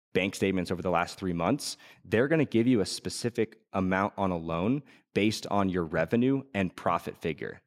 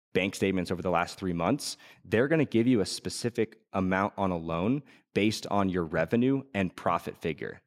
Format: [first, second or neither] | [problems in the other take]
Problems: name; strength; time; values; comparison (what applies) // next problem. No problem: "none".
neither | none